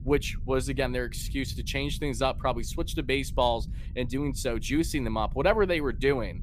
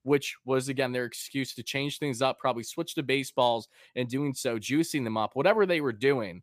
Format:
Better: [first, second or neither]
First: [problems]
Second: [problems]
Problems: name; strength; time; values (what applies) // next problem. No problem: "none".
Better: second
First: low rumble; faint; throughout; 25 dB below the speech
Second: none